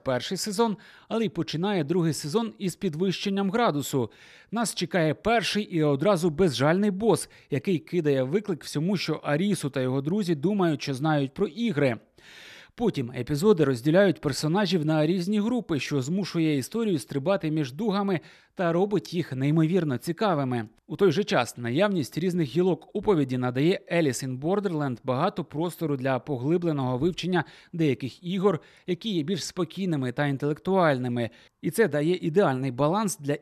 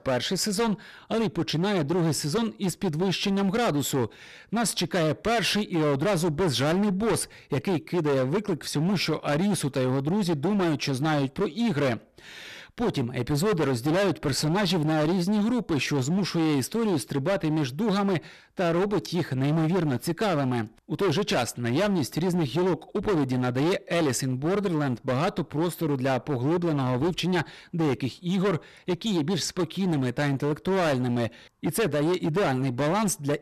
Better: first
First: none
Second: distortion; heavy; 22% of the sound clipped

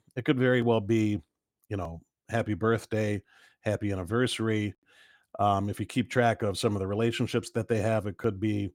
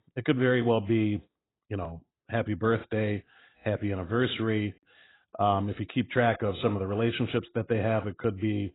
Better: first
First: none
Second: garbled, watery; badly; nothing above 4 kHz

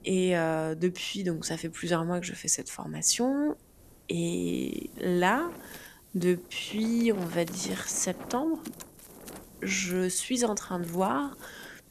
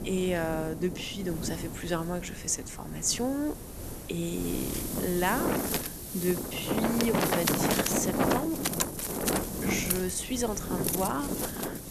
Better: first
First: wind noise on the microphone; occasional gusts; 20 dB below the speech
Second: wind noise on the microphone; heavy; 1 dB above the speech

